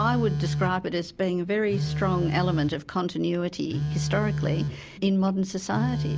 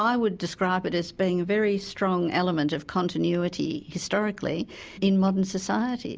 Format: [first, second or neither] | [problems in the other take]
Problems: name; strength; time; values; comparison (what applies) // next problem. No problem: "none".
second | background sound (Telephone); 3 dB below the speech